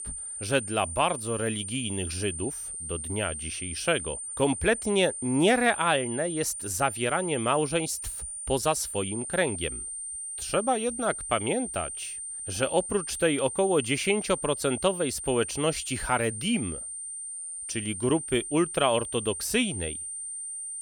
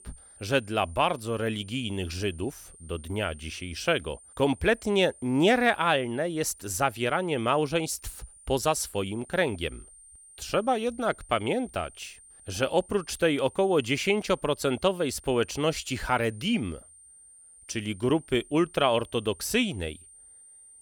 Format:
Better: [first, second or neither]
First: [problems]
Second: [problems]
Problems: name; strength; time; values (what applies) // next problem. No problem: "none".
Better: second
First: high-pitched whine; loud; throughout; 9 kHz, 6 dB below the speech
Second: high-pitched whine; faint; throughout; 9 kHz, 20 dB below the speech